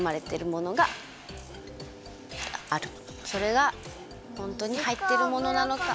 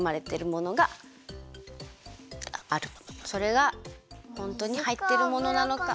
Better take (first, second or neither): second